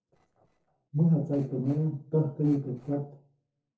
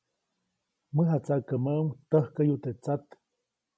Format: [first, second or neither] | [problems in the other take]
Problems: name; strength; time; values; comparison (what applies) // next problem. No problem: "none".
second | noise reduction (neural separator model SepFormer DNS4)